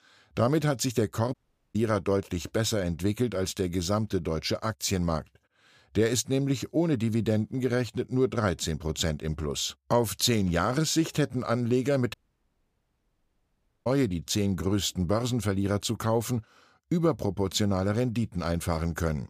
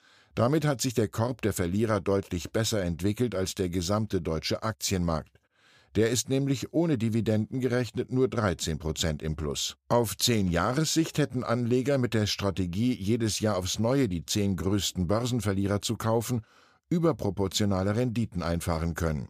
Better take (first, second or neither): second